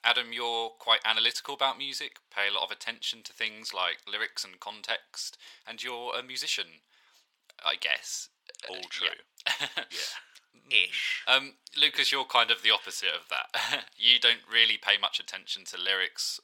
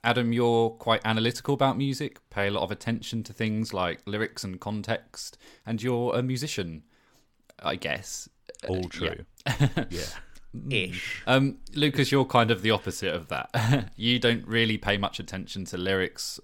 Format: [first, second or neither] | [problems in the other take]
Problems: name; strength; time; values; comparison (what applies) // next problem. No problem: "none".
second | thin; very; fading below 800 Hz